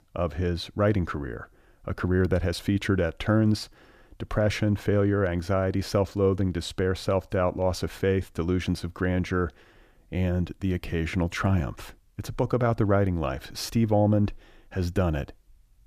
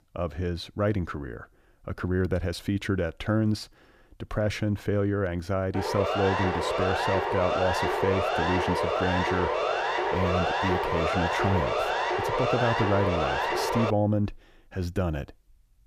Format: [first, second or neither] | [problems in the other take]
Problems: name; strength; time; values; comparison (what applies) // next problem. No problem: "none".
first | siren; loud; from 5.5 to 14 s; peak 3 dB above the speech